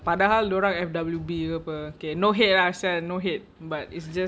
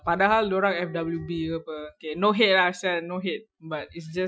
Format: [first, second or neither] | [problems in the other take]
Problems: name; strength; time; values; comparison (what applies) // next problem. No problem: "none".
first | noise reduction (classical method Wiener filter)